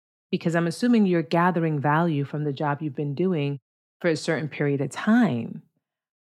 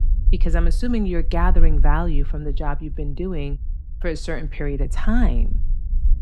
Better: first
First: none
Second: low rumble; noticeable; throughout; 20 dB below the speech

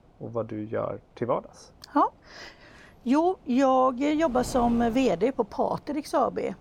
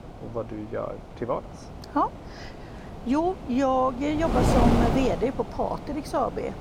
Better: first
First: wind noise on the microphone; occasional gusts; 20 dB below the speech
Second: wind noise on the microphone; heavy; 5 dB below the speech

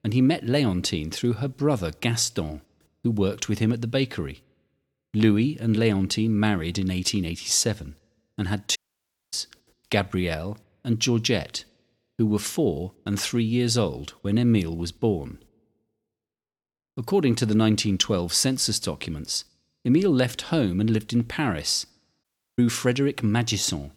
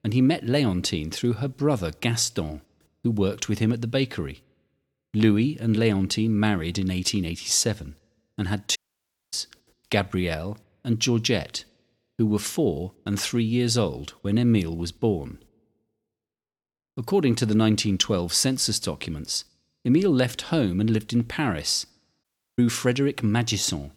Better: neither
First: audio cutting out; at 9 s for 0.5 s and at 22 s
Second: audio cutting out; at 9 s for 0.5 s and at 22 s

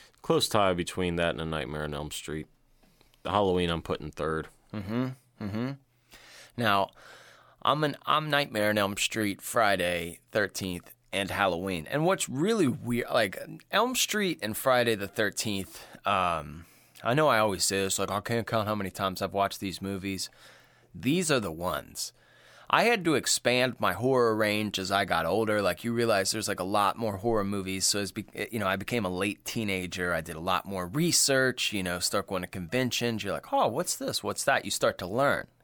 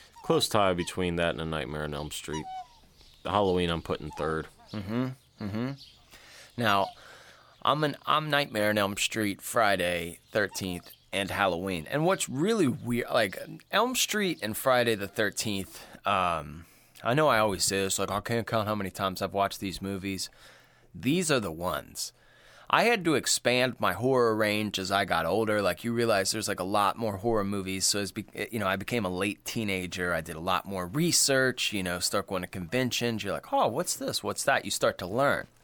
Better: first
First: none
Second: animal sounds; faint; throughout; 25 dB below the speech

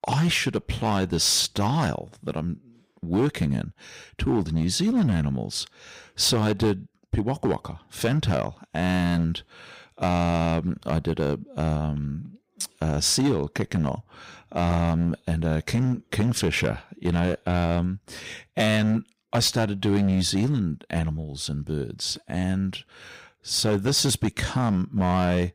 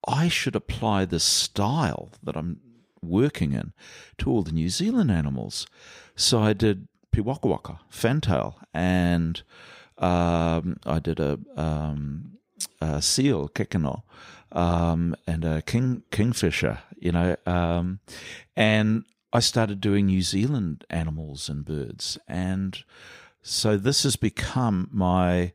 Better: second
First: distortion; slight; 7% of the sound clipped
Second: none

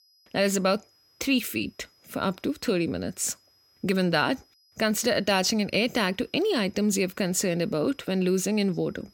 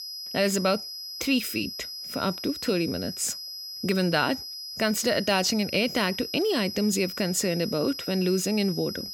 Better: first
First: high-pitched whine; faint; throughout; 5 kHz, 35 dB below the speech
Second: high-pitched whine; loud; throughout; 5 kHz, 8 dB below the speech

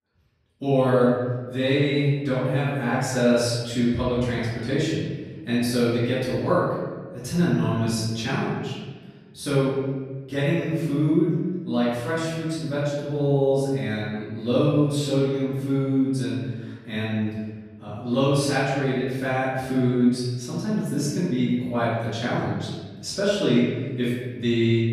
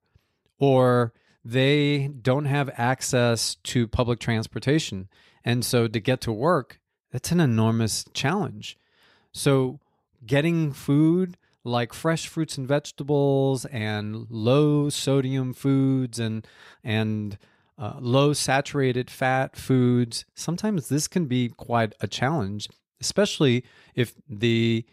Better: second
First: room echo; strong; dies away in 1.3 s // off-mic speech; far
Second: none

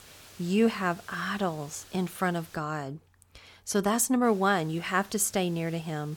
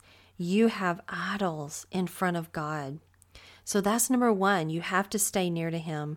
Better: second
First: hiss; faint; until 2.5 s and from 4.5 s on; 25 dB below the speech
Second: none

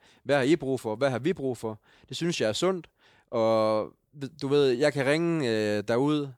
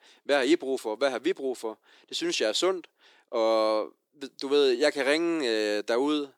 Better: first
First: none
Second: thin; very slightly; fading below 300 Hz

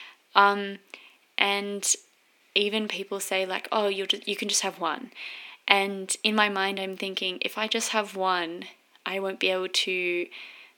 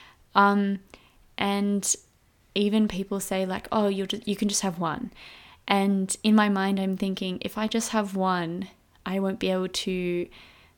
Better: second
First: thin; somewhat; fading below 300 Hz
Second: none

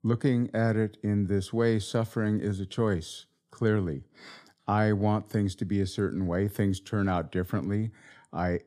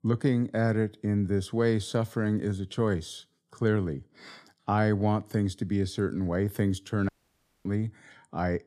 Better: first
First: none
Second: audio cutting out; at 7 s for 0.5 s

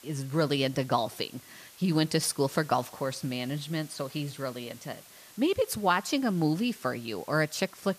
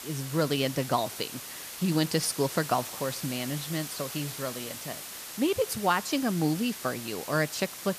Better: first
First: hiss; faint; throughout; 20 dB below the speech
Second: hiss; loud; throughout; 8 dB below the speech

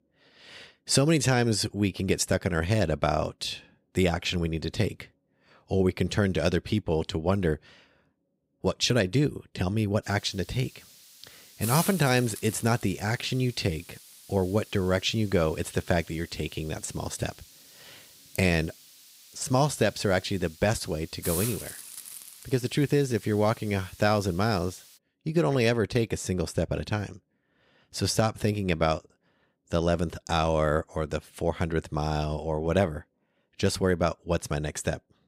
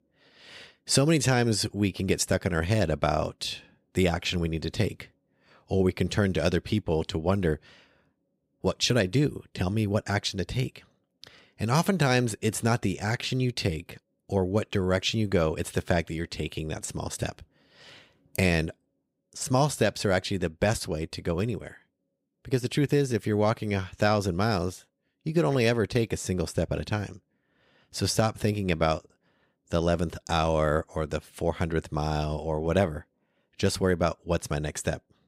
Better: second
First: hiss; noticeable; from 10 to 25 s; 15 dB below the speech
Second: none

